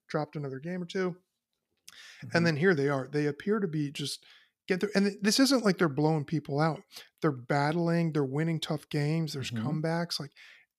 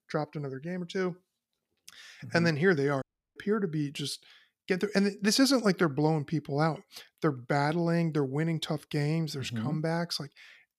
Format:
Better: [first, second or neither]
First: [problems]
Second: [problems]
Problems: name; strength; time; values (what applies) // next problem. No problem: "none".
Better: first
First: none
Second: audio cutting out; at 3 s